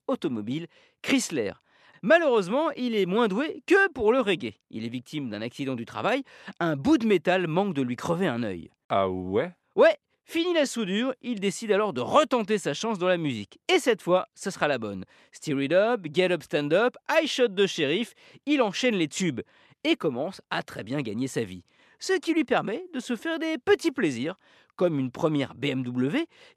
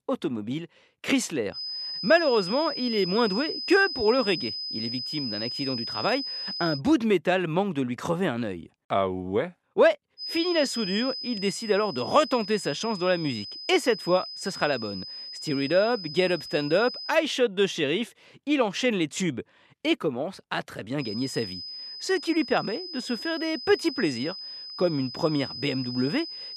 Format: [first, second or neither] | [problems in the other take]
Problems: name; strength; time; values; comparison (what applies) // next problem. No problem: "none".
first | high-pitched whine; loud; from 1.5 to 7 s, from 10 to 17 s and from 21 s on; 5 kHz, 7 dB below the speech